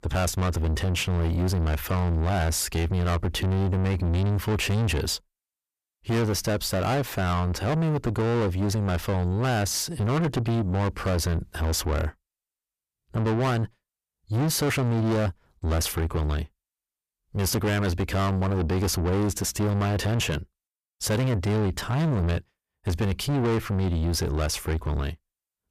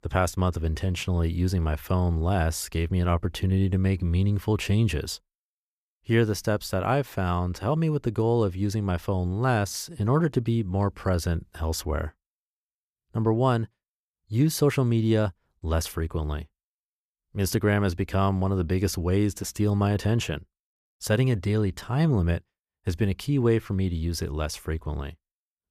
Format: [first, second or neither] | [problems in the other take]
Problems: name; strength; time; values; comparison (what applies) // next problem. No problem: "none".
second | distortion; heavy; 7 dB below the speech